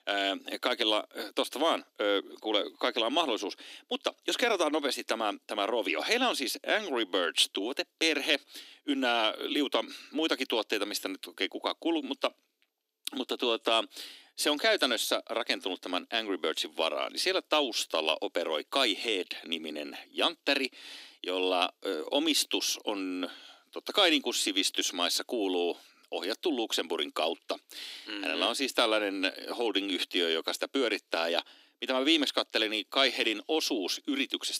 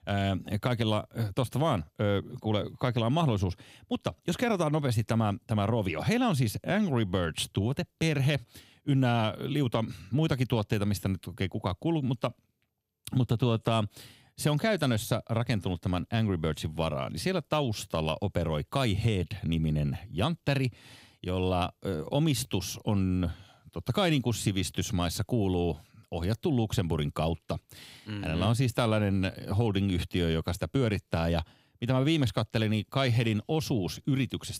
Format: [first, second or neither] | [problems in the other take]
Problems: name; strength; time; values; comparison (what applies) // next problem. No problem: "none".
second | thin; somewhat; fading below 300 Hz